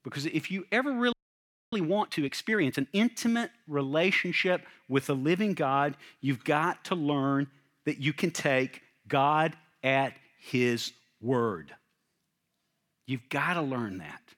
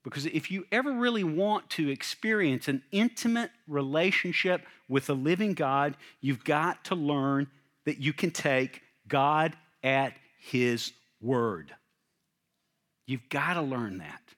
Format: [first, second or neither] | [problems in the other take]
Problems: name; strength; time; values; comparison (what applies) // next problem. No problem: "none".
second | audio freezing; at 1 s for 0.5 s